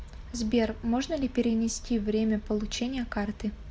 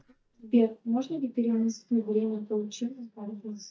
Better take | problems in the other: first | noise reduction (neural mask model DeepFilterNet 3)

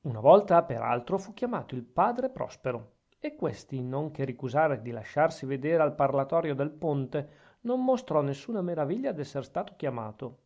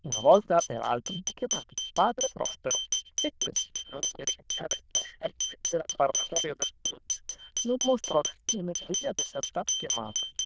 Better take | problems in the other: first | noise reduction (neural diffusion model UNIVERSE++)

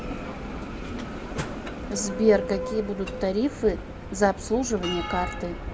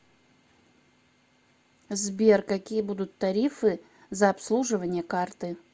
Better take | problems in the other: second | background sound (Bell); 6 dB below the speech

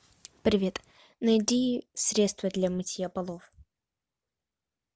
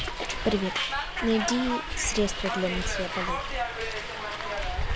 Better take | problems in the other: first | background sound (Hiss); 1 dB above the speech

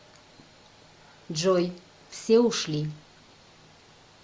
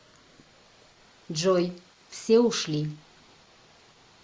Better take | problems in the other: first | noise reduction (neural mask model Resemble Enhance denoiser)

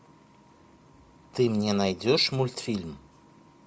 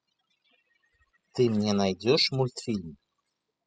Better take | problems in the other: first | noise reduction (classical method spectral subtraction)

